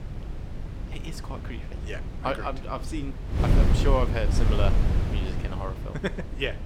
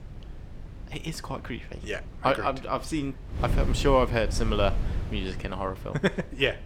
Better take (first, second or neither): second